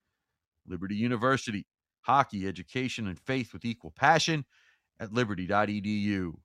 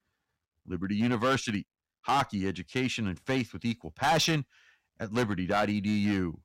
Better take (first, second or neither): first